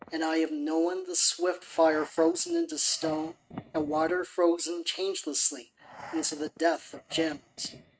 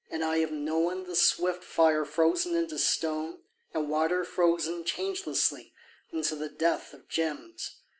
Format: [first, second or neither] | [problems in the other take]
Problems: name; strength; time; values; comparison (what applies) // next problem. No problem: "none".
second | noise reduction (neural mask model RNNoise)